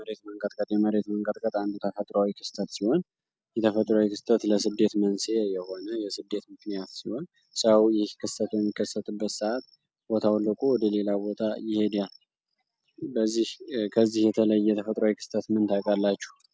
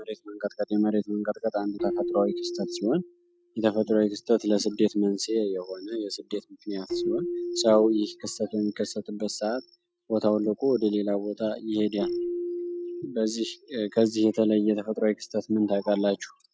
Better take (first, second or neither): first